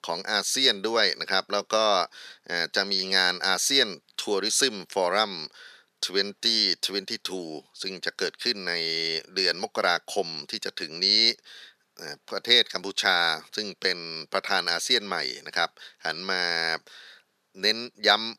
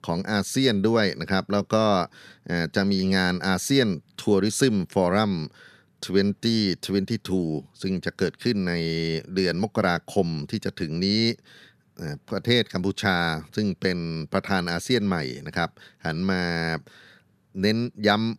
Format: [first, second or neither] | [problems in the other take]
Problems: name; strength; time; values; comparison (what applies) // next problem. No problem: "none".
second | thin; very; fading below 550 Hz